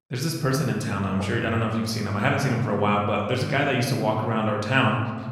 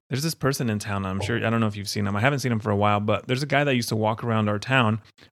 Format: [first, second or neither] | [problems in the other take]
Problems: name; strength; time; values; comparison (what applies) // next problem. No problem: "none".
second | room echo; noticeable; dies away in 1.2 s // off-mic speech; somewhat distant